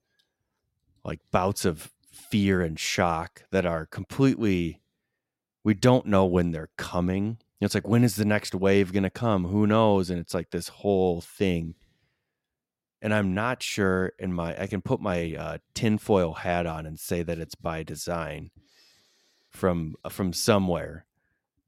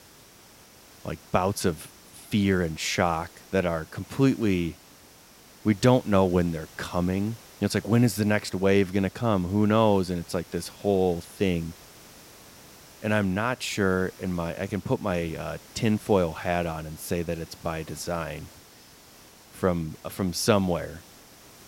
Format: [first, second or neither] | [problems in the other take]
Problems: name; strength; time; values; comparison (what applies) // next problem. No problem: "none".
first | hiss; faint; throughout; 20 dB below the speech